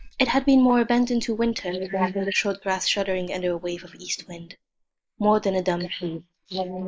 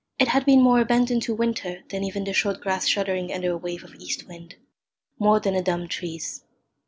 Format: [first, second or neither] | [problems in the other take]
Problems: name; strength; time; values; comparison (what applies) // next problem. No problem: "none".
second | noise reduction (neural mask model Resemble Enhance denoiser)